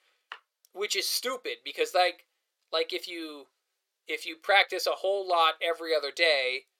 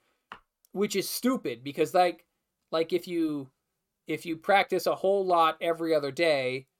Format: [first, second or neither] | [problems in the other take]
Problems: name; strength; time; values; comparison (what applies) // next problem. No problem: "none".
second | thin; very; fading below 450 Hz